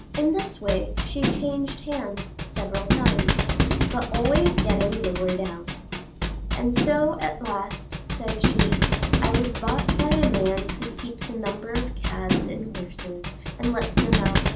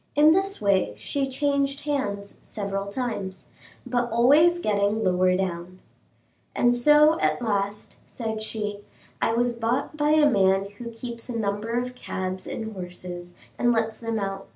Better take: second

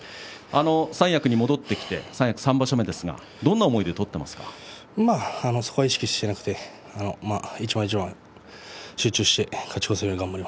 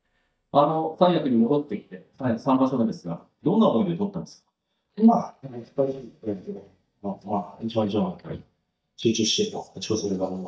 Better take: first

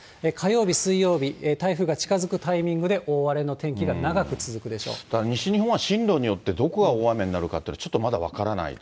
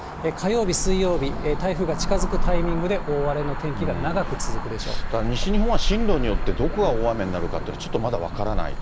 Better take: first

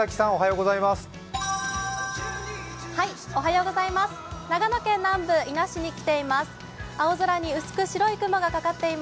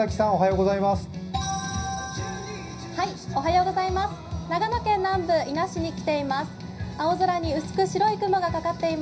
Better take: first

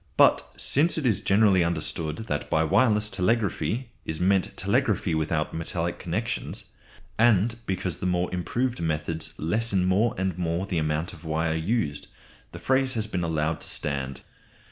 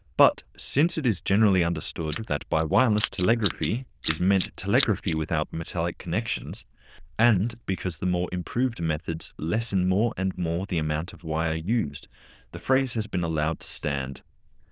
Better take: first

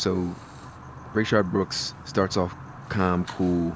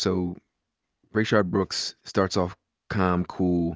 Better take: second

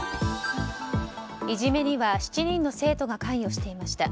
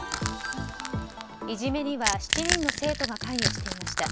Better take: first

